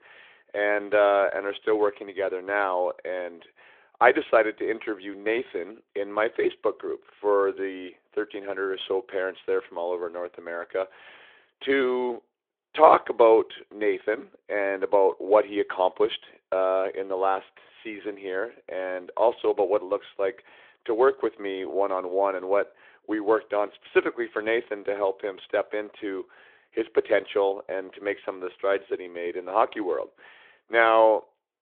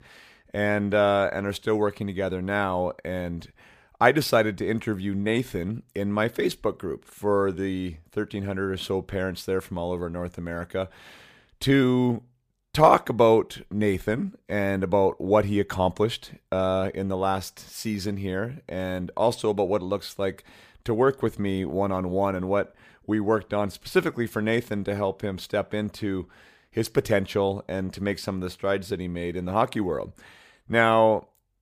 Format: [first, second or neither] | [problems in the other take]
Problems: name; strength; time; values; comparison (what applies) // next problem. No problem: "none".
second | phone-call audio